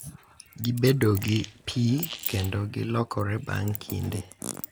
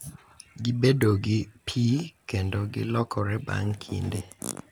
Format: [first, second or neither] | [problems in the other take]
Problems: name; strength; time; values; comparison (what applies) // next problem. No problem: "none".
second | background sound (Chink, clink + Fart); 14 dB below the speech